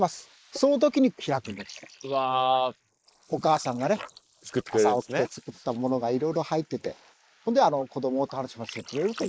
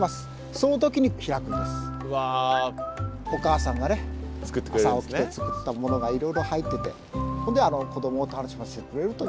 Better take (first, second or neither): second